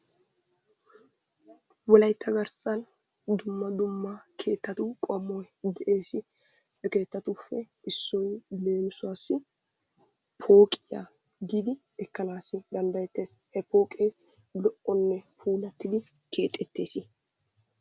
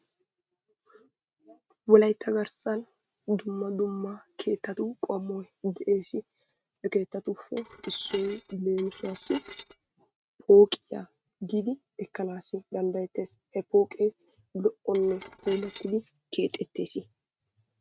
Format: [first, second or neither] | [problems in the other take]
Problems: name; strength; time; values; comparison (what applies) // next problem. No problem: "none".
first | noise reduction (neural mask model RNNoise)